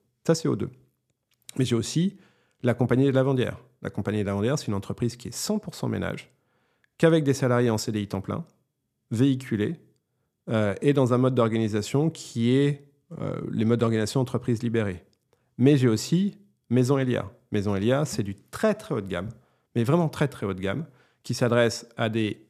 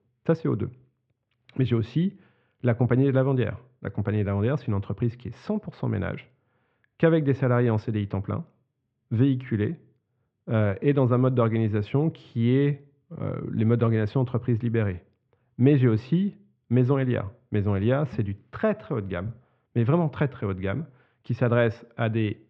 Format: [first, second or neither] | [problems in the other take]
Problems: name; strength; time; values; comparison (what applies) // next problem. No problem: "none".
first | muffled; very; fading above 3 kHz